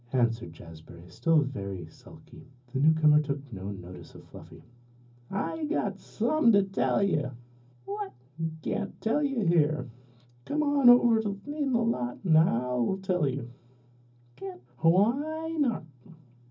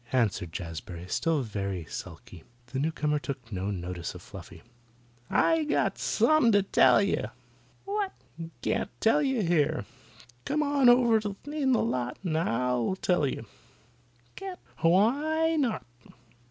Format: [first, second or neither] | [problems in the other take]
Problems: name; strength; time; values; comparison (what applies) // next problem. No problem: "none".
second | room echo; dies away in 0.4 s